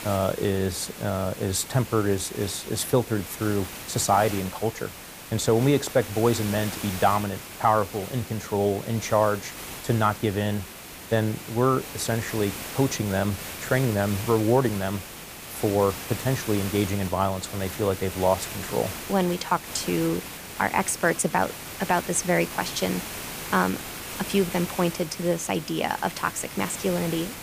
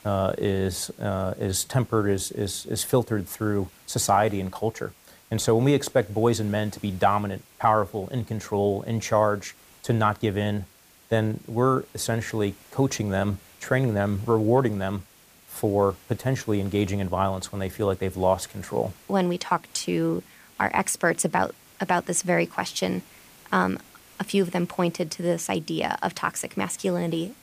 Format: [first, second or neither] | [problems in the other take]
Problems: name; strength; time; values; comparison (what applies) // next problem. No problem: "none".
second | hiss; loud; throughout; 10 dB below the speech; faint in the second